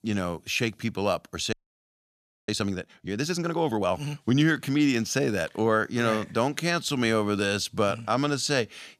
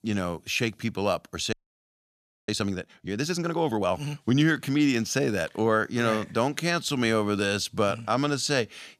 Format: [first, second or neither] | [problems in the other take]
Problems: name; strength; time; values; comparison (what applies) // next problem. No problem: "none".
neither | audio freezing; at 1.5 s for 1 s; the same in both